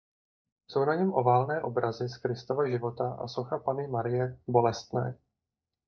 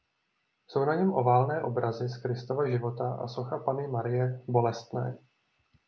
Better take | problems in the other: second | noise reduction (neural mask model DeepFilterNet 3)

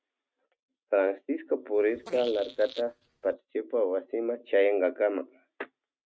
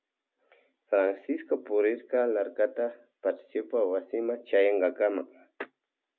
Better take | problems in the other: second | noise reduction (neural mask model RNNoise)

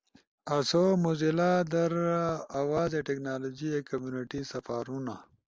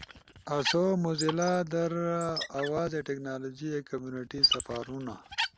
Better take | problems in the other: first | background sound (Squeak); 5 dB below the speech

